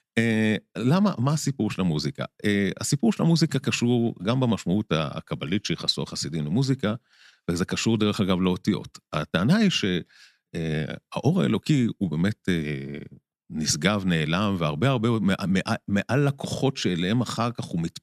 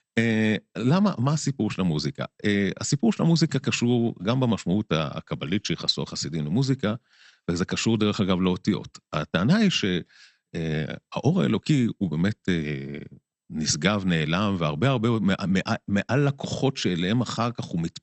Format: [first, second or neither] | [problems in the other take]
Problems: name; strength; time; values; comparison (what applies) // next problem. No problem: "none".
first | garbled, watery; slightly; nothing above 8 kHz